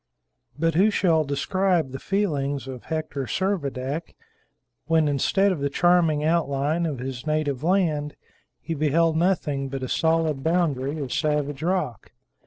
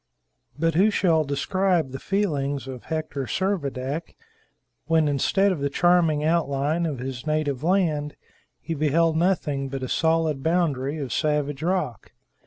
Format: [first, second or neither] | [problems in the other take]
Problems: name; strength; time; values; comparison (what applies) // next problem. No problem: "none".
second | noise reduction (neural separator model SepFormer DNS4)